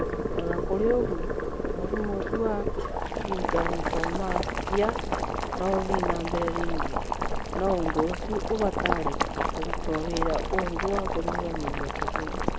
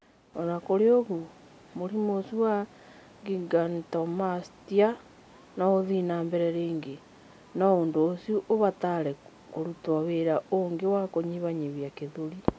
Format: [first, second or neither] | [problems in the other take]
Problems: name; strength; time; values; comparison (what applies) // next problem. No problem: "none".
second | background sound (Boiling); 2 dB above the speech